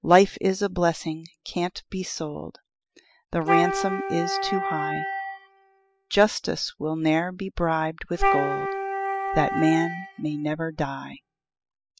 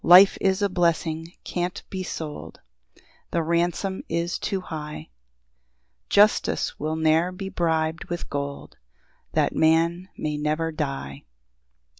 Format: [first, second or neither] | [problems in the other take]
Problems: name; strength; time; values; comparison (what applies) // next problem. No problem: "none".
second | noise reduction (classical method spectral subtraction)